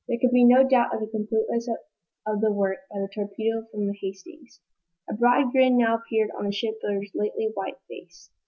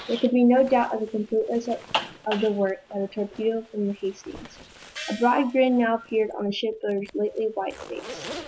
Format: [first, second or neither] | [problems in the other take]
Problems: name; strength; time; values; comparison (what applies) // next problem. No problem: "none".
first | background sound (Gong + Zipper (clothing)); 14 dB below the speech